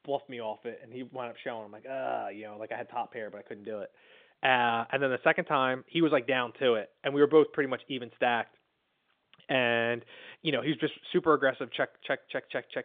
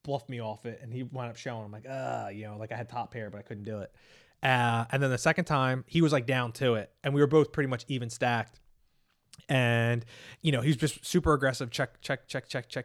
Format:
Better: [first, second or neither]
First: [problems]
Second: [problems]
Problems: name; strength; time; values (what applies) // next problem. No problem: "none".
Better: second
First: phone-call audio; nothing above 3.5 kHz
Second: none